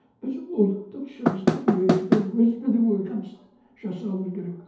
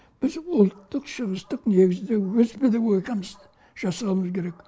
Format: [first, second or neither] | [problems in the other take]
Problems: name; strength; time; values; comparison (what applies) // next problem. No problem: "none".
second | background sound (Knock / Wood); 2 dB above the speech // room echo; dies away in 2.2 s